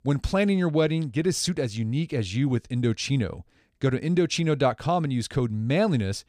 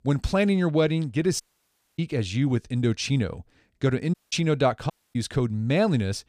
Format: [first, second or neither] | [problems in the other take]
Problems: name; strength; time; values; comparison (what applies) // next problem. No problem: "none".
first | audio cutting out; at 1.5 s for 0.5 s, at 4 s and at 5 s